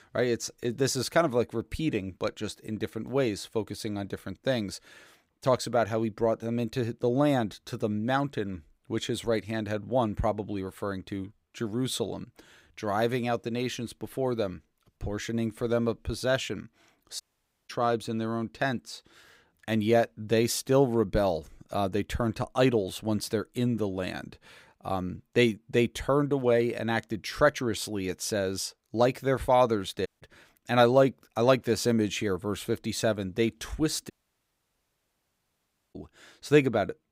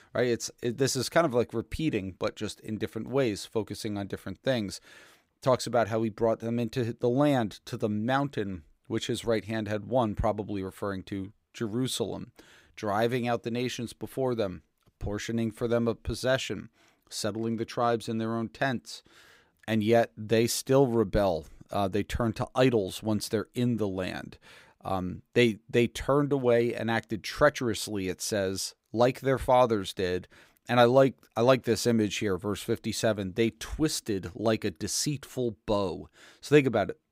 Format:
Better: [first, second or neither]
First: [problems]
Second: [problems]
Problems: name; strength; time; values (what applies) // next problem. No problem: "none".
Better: second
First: audio cutting out; at 17 s, at 30 s and at 34 s for 2 s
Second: none